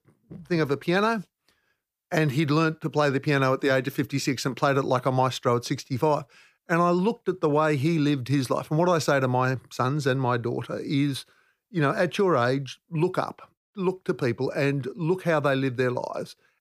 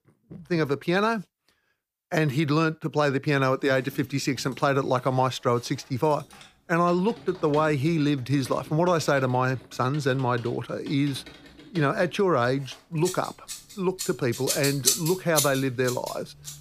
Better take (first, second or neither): first